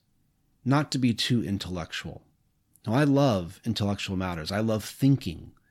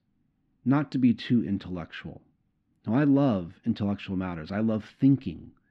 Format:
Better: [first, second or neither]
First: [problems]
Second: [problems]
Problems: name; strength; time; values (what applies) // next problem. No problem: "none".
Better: first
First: none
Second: muffled; slightly; fading above 2.5 kHz